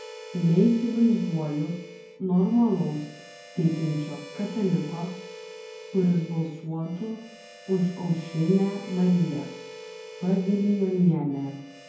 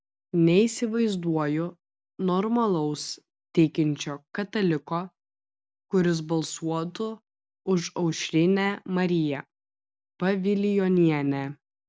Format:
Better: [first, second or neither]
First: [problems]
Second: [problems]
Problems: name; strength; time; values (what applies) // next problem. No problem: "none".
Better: second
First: background sound (Harmonica); 17 dB below the speech // room echo; dies away in 0.9 s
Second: none